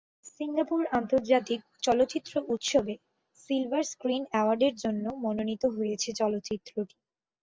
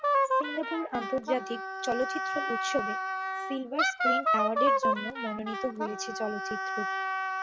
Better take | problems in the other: first | background sound (Wind instrument, woodwind instrument); 4 dB above the speech

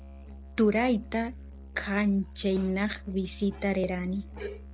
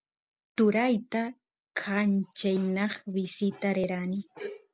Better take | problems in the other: second | background sound (Musical instrument); 15 dB below the speech

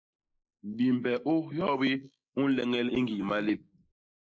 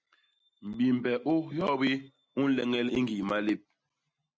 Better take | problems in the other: second | noise reduction (neural mask model Resemble Enhance denoiser)

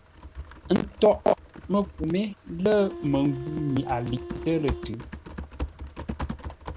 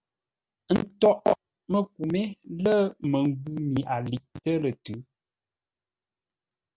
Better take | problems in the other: second | background sound (Typing + Wind instrument, woodwind instrument); 10 dB below the speech

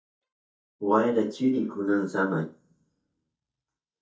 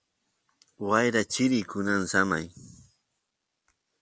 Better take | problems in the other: second | noise reduction (neural mask model DeepFilterNet 3)

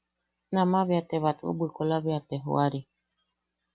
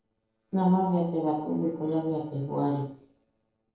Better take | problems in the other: first | noise reduction (neural separator model SepFormer DNS4)

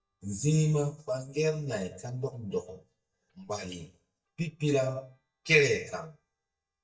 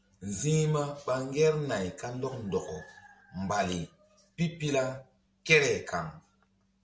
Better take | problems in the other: second | noise reduction (neural mask model DeepFilterNet 3)

